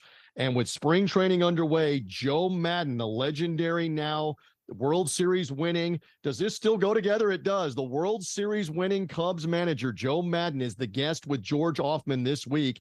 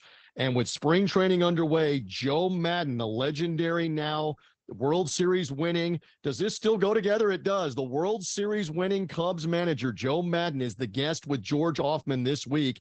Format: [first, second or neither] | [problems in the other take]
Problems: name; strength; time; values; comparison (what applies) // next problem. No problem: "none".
first | garbled, watery; badly; nothing above 8 kHz; slightly in the first